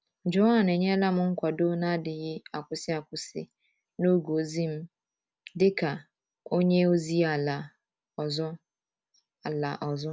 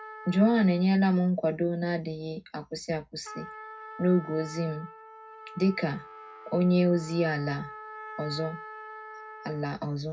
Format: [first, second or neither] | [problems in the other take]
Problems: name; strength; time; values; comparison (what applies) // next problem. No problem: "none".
first | background sound (Trumpet); 17 dB below the speech // room echo; dies away in 0.4 s